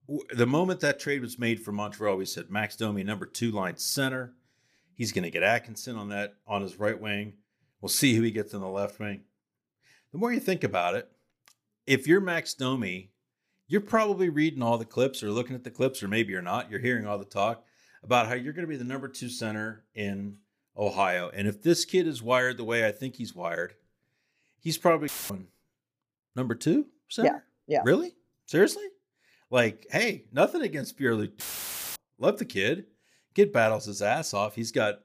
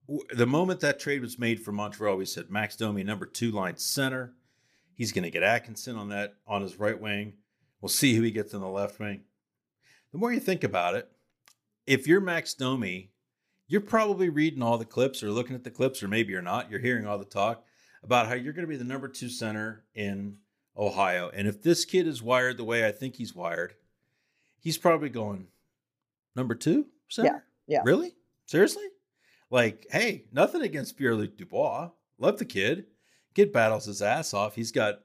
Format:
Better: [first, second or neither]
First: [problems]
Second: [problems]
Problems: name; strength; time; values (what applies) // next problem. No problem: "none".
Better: second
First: audio cutting out; filled with static; at 25 s and at 31 s for 0.5 s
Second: none